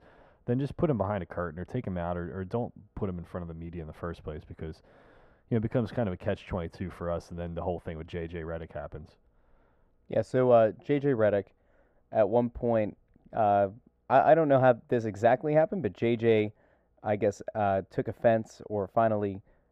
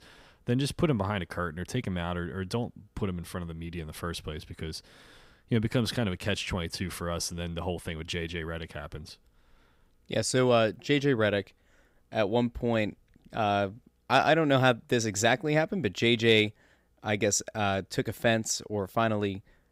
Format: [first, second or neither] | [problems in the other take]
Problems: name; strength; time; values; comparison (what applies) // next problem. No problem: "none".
second | muffled; very; fading above 2.5 kHz